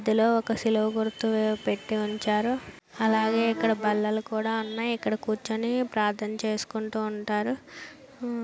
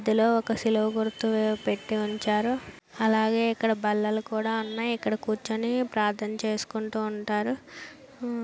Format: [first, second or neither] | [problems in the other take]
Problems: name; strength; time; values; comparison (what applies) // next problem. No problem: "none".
second | background sound (Accordion); 7 dB below the speech